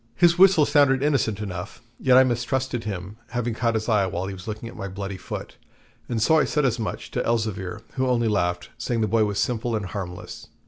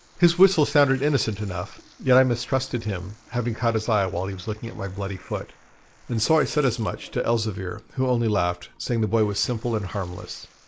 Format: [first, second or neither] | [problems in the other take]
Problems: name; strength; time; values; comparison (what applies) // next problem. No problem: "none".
first | noise reduction (neural mask model Resemble Enhance denoiser)